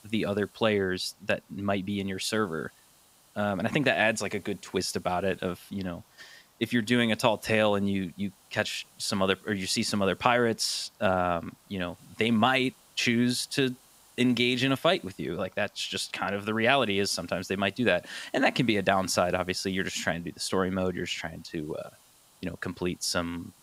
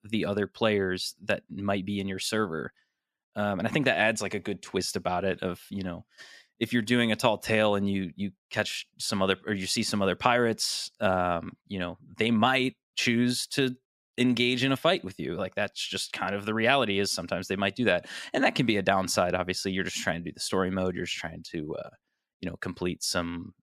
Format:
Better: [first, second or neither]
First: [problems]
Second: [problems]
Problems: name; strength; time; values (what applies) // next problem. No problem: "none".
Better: second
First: hiss; faint; throughout; 30 dB below the speech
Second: none